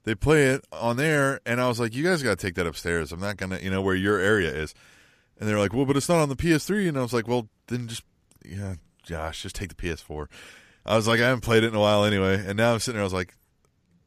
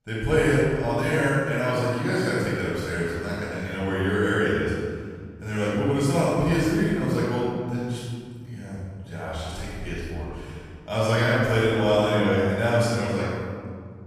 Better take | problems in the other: first | off-mic speech; far // room echo; strong; dies away in 2.2 s

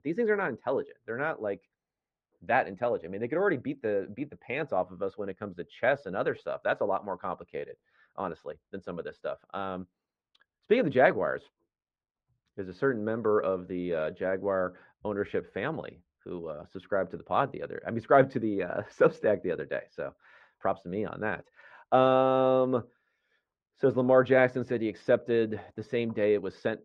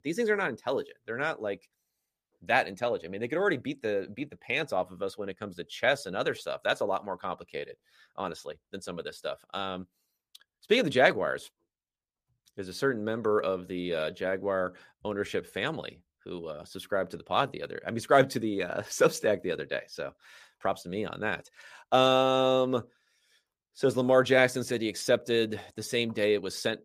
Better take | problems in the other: second | muffled; very; fading above 1.5 kHz

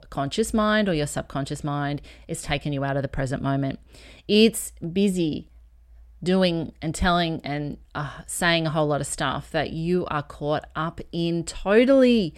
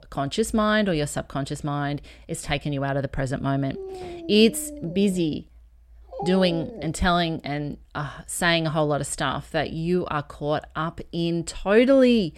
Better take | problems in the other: first | dog barking; noticeable; from 3.5 to 7 s; peak 9 dB below the speech

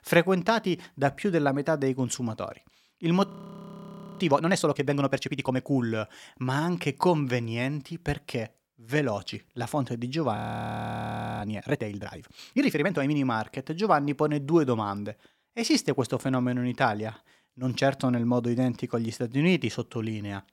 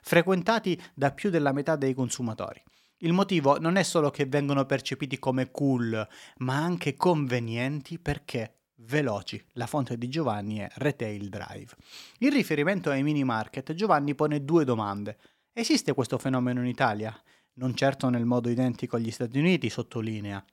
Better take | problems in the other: second | audio freezing; at 3.5 s for 1 s and at 10 s for 1 s

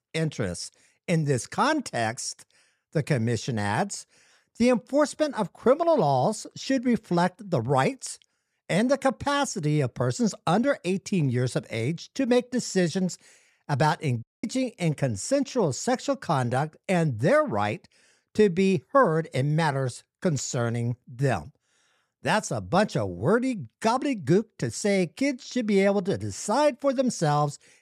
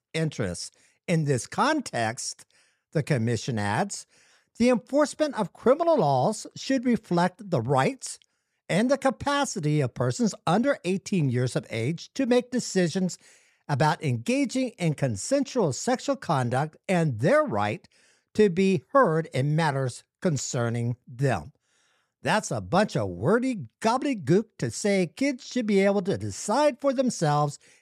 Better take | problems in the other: second | audio cutting out; at 14 s

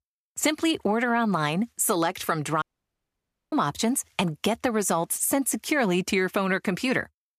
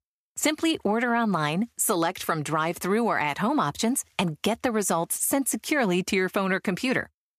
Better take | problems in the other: second | audio cutting out; at 2.5 s for 1 s

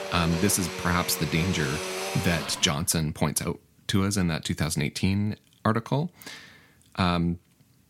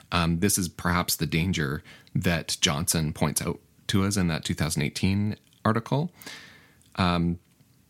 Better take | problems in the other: second | household noises; loud; until 2.5 s; 6 dB below the speech

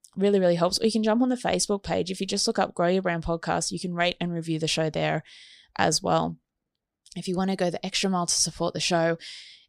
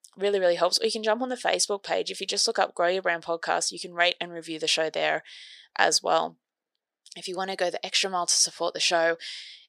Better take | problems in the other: first | thin; very; fading below 500 Hz

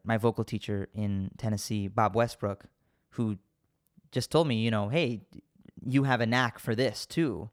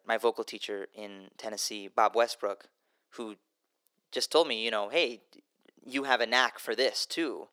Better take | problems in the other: first | thin; very; fading below 350 Hz

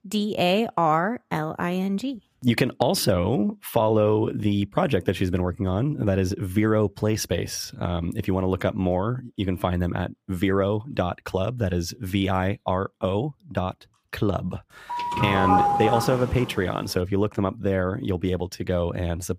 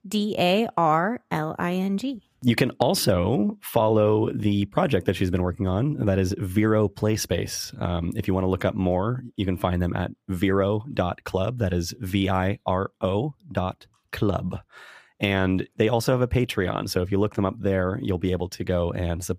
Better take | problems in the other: second | doorbell; loud; from 15 to 16 s; peak 5 dB above the speech

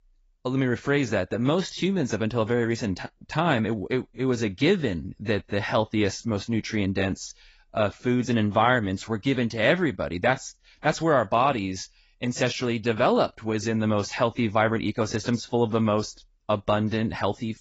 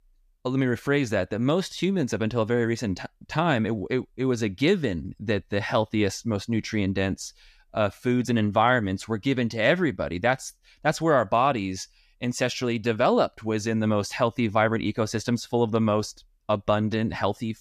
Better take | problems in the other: second | garbled, watery; badly; nothing above 7.5 kHz

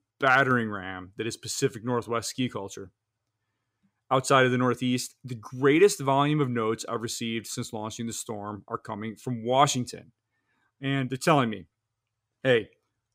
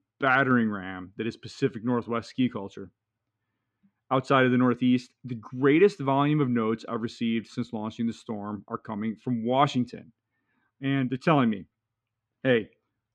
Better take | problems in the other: first | muffled; slightly; fading above 2.5 kHz

